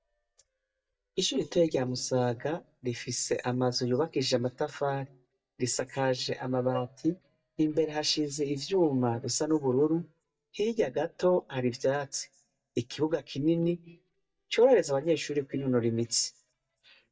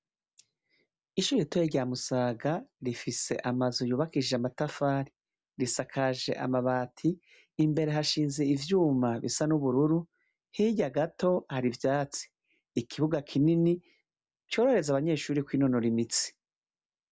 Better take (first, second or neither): second